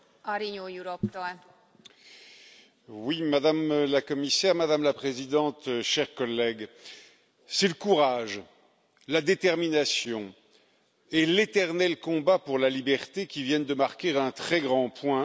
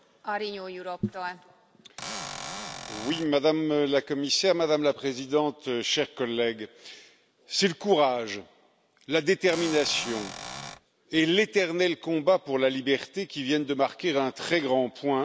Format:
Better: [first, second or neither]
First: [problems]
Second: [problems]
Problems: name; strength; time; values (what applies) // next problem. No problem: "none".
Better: first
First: none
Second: background sound (Cupboard open or close / Door); 10 dB below the speech